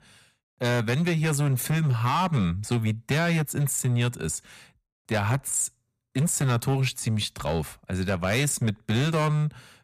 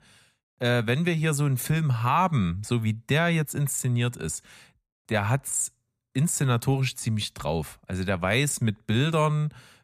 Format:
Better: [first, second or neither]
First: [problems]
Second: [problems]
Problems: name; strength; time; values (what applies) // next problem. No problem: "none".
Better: second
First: distortion; slight; 11% of the sound clipped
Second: none